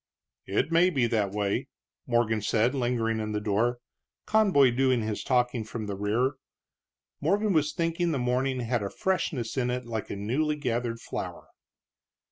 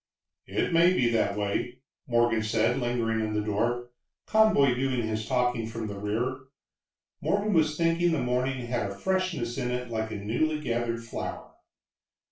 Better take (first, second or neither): first